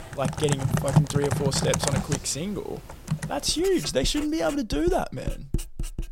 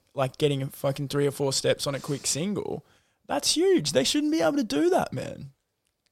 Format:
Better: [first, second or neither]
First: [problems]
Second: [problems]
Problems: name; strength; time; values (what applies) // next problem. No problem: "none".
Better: second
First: household noises; loud; throughout; 2 dB below the speech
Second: none